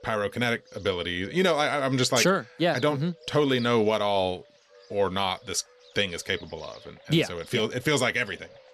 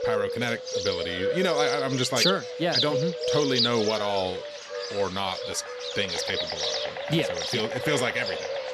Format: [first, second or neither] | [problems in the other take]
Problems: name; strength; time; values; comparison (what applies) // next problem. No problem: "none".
first | animal sounds; loud; throughout; 1 dB below the speech; faint in the first